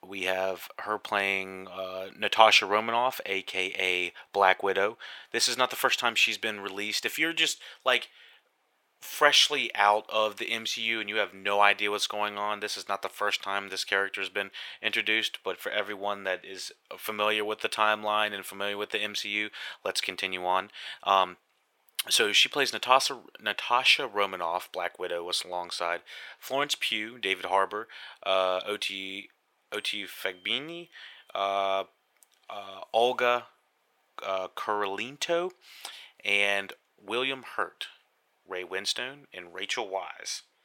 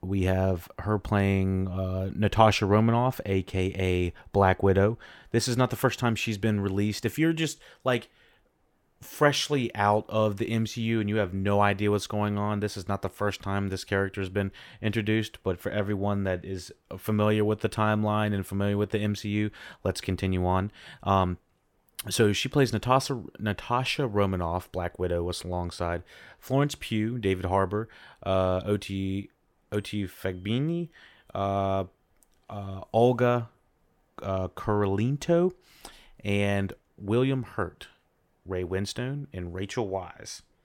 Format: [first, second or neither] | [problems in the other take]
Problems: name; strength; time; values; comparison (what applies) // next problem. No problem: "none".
second | thin; very; fading below 700 Hz